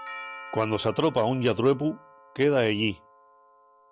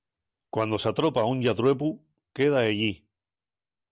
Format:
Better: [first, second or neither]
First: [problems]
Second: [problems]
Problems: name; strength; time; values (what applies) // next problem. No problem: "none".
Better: second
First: background sound (Doorbell); 18 dB below the speech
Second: none